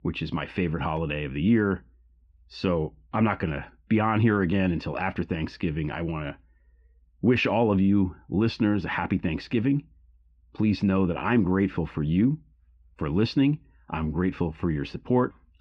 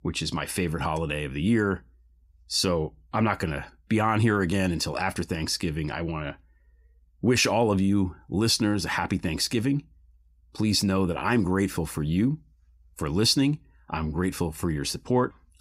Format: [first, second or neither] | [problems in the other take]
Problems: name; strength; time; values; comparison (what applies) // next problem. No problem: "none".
second | muffled; very; fading above 3 kHz